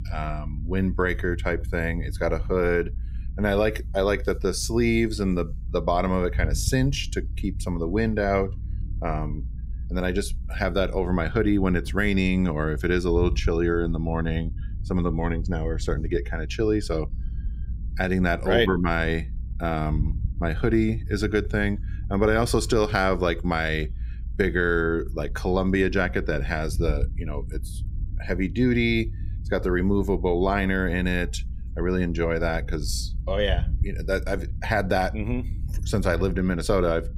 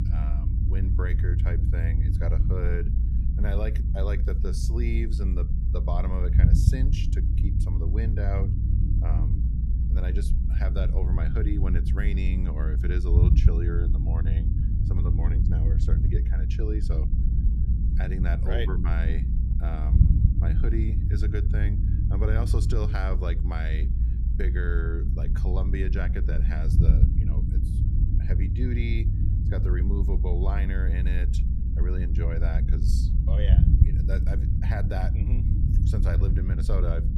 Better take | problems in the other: first | low rumble; loud; throughout; 3 dB below the speech; faint in the first

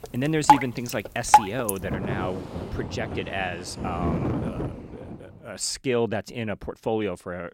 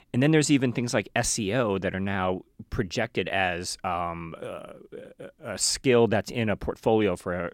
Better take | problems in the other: second | rain or running water; very loud; until 5 s; 4 dB above the speech

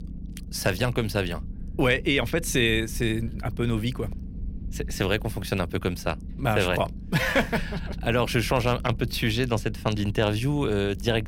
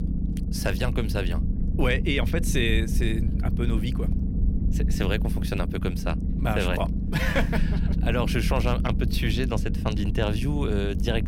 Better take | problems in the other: first | low rumble; loud; throughout; 9 dB below the speech; faint in the first

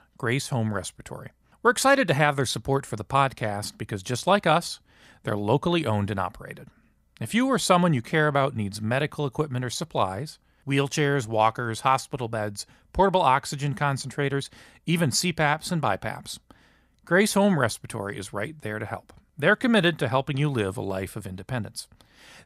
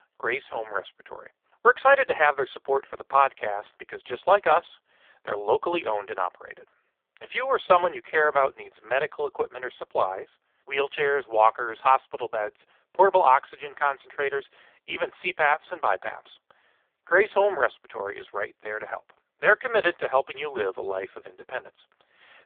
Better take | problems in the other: first | phone-call audio; poor line

